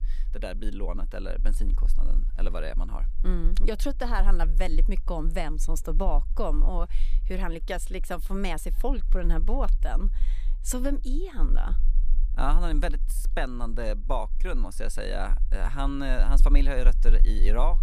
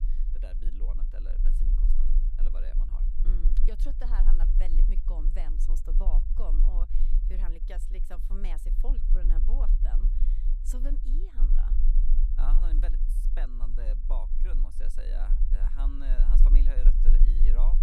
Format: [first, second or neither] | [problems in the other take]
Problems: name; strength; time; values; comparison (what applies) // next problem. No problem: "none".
first | low rumble; loud; throughout; 6 dB below the speech; faint in the first